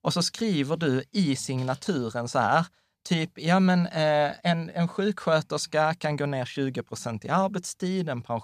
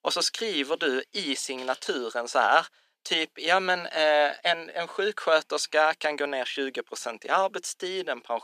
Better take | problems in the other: first | thin; very; fading below 300 Hz

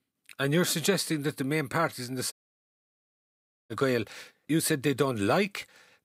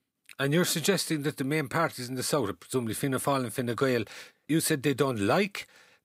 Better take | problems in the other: second | audio cutting out; at 2.5 s for 1.5 s

